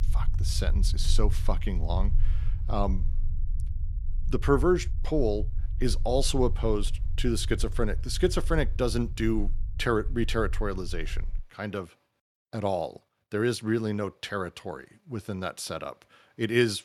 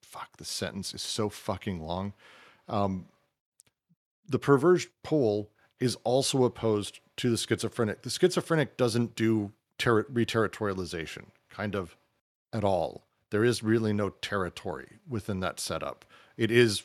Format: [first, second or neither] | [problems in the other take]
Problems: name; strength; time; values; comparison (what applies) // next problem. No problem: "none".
second | low rumble; faint; until 11 s; 20 dB below the speech